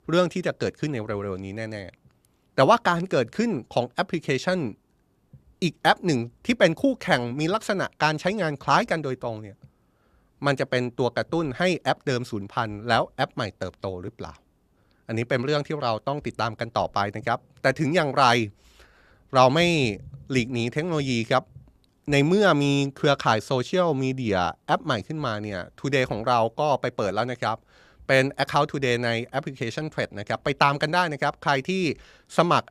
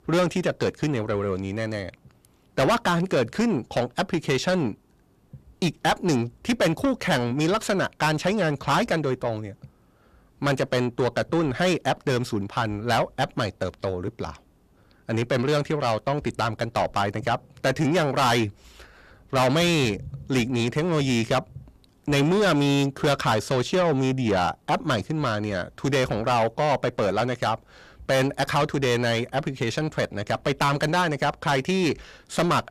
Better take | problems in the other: first | distortion; heavy; 7 dB below the speech

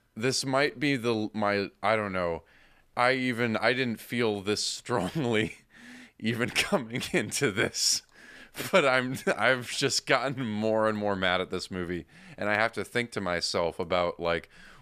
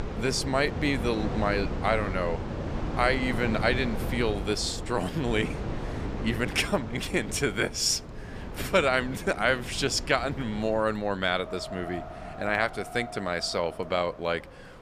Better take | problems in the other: first | wind in the background; loud; throughout; 8 dB below the speech

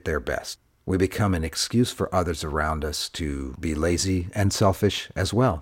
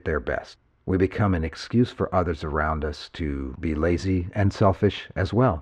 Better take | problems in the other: first | muffled; slightly; fading above 2.5 kHz

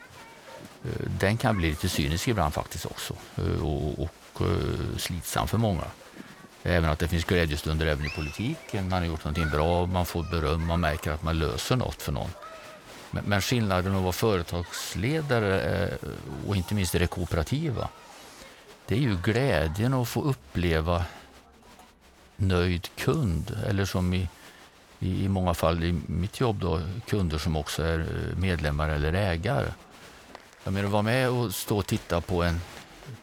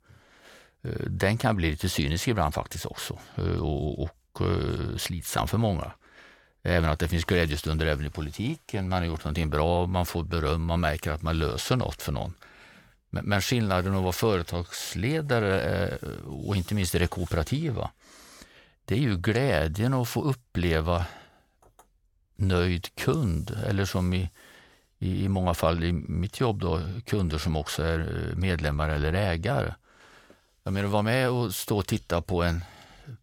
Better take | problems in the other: second | crowd noise; noticeable; throughout; 20 dB below the speech

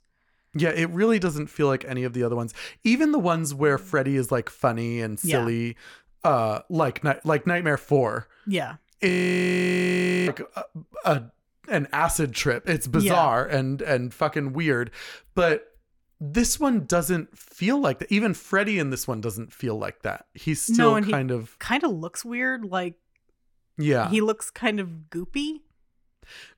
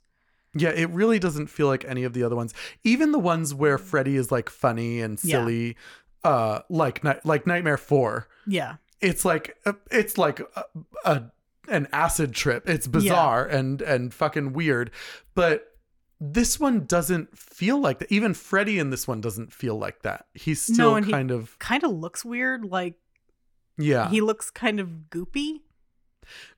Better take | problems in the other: second | audio freezing; at 9 s for 1 s

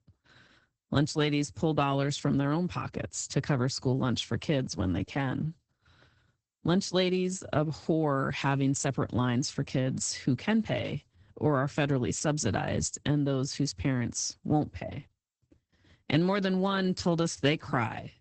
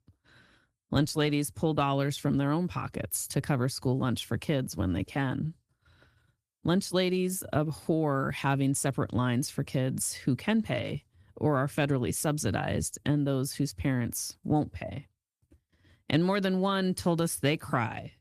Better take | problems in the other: second | garbled, watery; badly; nothing above 8 kHz; slightly in the second

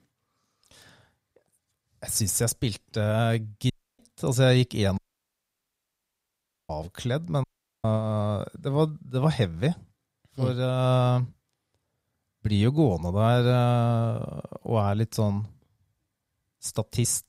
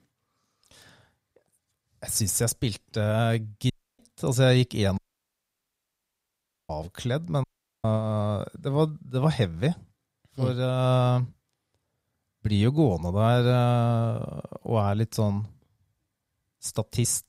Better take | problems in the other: neither | audio cutting out; at 3.5 s, at 5 s for 1.5 s and at 7.5 s; the same in both

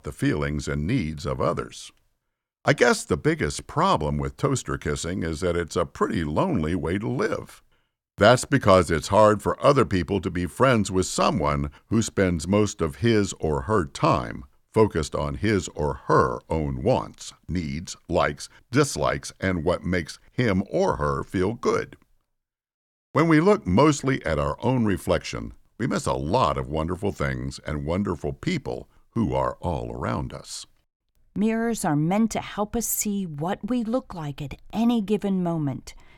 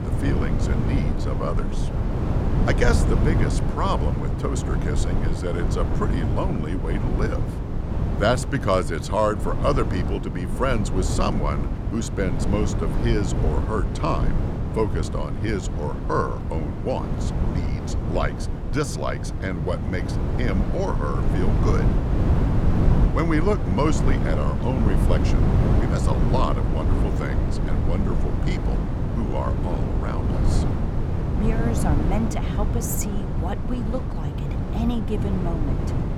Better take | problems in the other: first | wind noise on the microphone; heavy; 4 dB below the speech

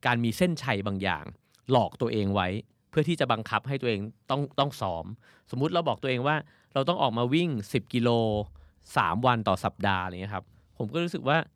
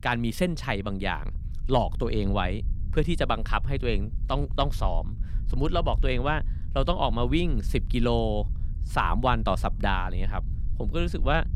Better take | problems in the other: first | low rumble; faint; throughout; 25 dB below the speech

